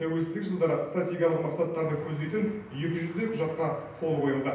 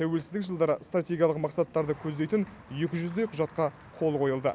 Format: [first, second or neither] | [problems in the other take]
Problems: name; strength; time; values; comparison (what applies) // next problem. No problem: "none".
second | room echo; dies away in 0.9 s